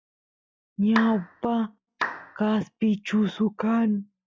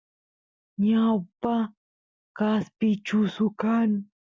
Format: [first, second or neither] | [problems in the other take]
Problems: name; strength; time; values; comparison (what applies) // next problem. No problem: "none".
second | noise reduction (classical method log-MMSE)